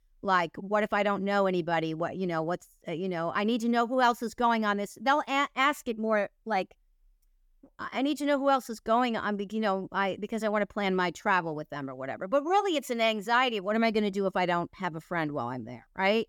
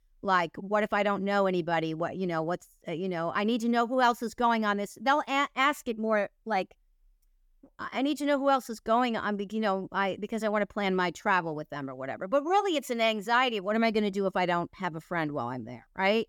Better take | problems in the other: neither | none

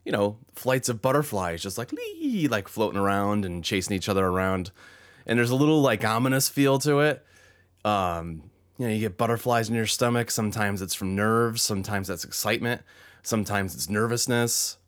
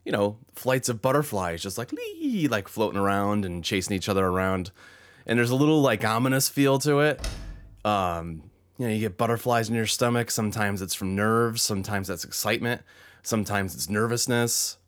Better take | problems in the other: first | door banging; faint; at 7 s; peak 10 dB below the speech

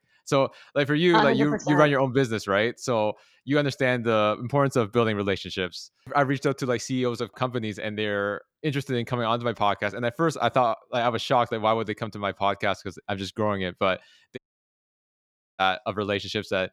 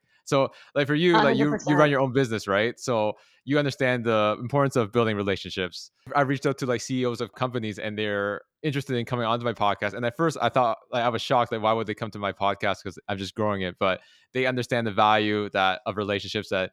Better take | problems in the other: second | audio cutting out; at 14 s for 1 s

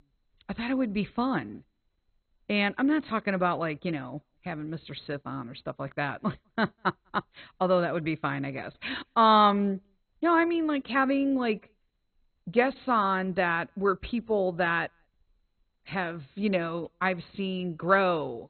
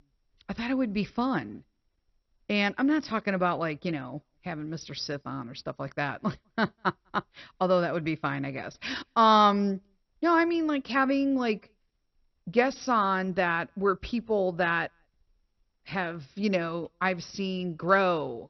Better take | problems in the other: second | garbled, watery; badly; nothing above 4 kHz; slightly in the second

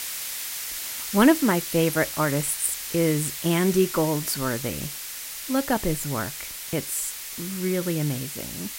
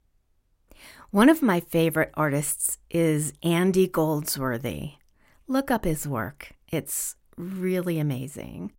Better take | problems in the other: second | hiss; loud; throughout; 7 dB below the speech

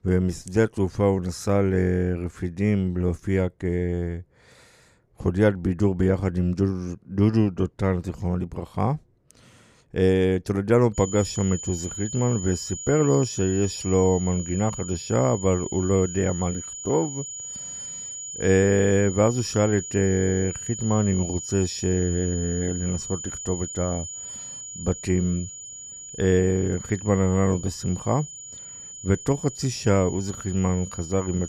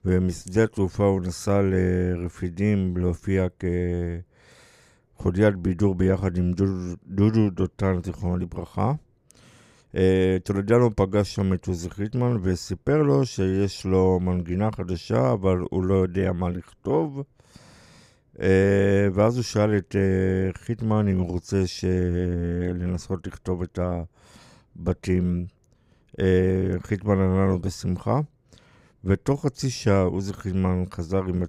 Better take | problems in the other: second | high-pitched whine; loud; from 11 s on; 7 kHz, 10 dB below the speech

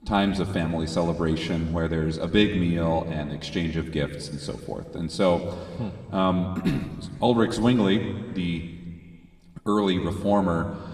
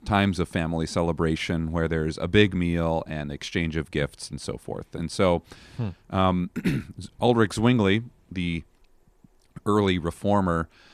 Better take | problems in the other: second | room echo; slight; dies away in 1.6 s

